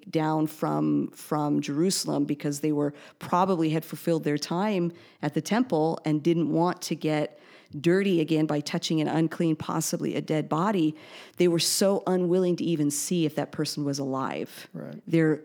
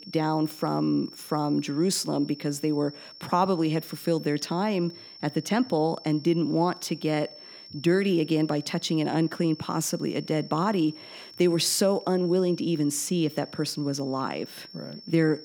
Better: first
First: none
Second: high-pitched whine; noticeable; throughout; 5.5 kHz, 20 dB below the speech

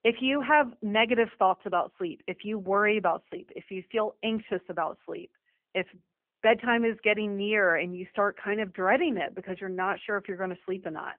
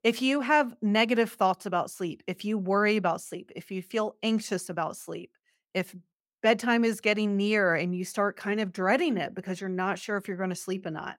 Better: second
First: phone-call audio; nothing above 3 kHz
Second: none

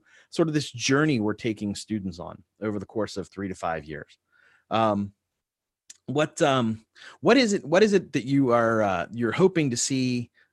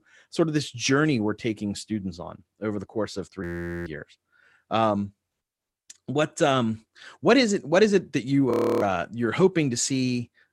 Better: first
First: none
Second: audio freezing; at 3.5 s and at 8.5 s

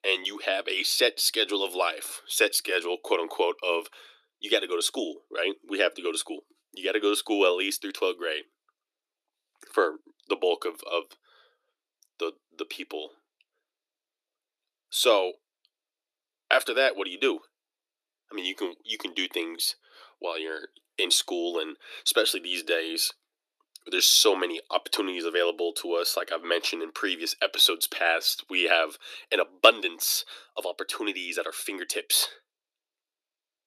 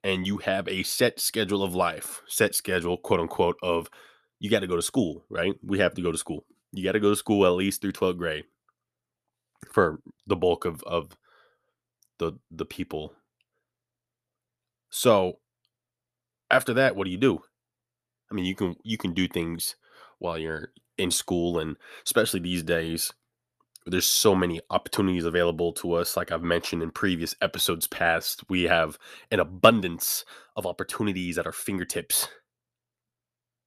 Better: second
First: thin; somewhat; fading below 300 Hz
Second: none

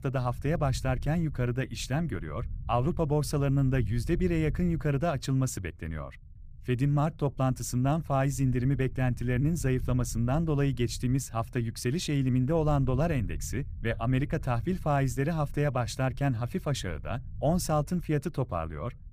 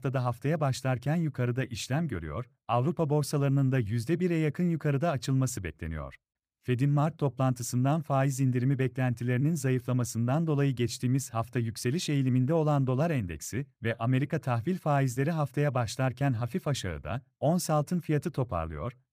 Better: second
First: low rumble; faint; throughout; 25 dB below the speech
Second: none

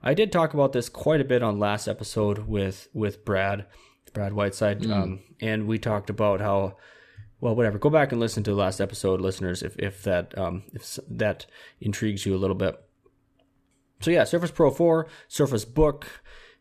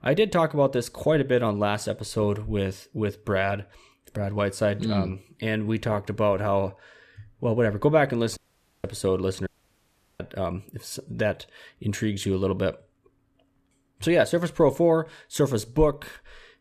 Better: first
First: none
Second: audio cutting out; at 8.5 s and at 9.5 s for 0.5 s

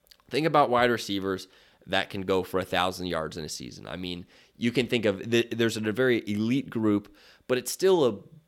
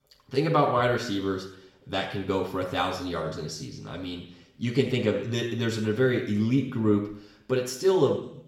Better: first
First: none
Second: room echo; slight; dies away in 0.7 s // off-mic speech; far

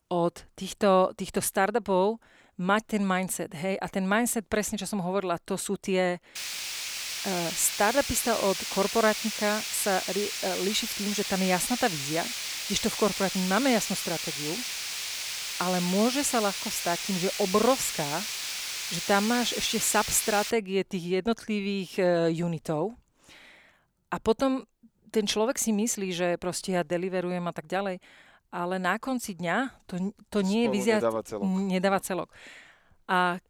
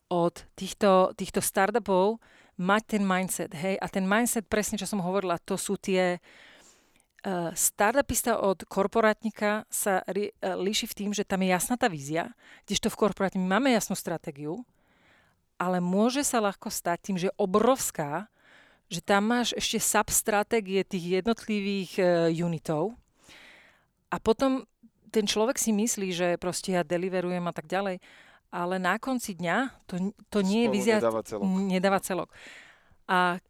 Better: second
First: hiss; loud; from 6.5 to 21 s; 3 dB below the speech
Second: none

